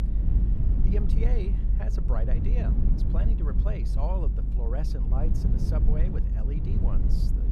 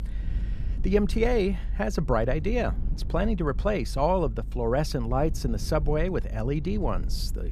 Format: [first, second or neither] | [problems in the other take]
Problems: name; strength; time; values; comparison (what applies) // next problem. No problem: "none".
second | low rumble; loud; throughout; 1 dB below the speech; faint in the second